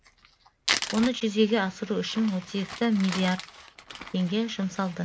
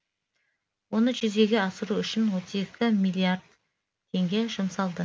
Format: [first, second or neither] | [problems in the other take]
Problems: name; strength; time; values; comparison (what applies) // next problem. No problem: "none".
second | background sound (Crumpling, crinkling); 9 dB below the speech